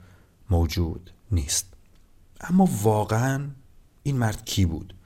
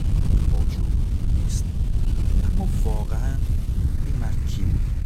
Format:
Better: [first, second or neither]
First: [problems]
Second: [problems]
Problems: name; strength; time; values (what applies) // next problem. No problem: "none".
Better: first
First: none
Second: wind noise on the microphone; heavy; 2 dB above the speech